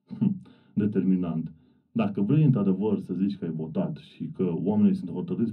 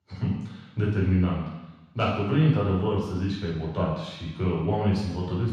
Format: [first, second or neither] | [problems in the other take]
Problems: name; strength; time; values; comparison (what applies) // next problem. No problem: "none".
first | room echo; strong; dies away in 1.1 s; slight in the first // off-mic speech; far; far in the first